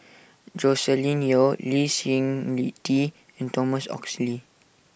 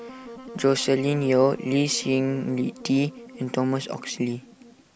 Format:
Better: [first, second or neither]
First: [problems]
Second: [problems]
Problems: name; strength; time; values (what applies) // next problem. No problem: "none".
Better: first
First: none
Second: background sound (Wind instrument, woodwind instrument); 17 dB below the speech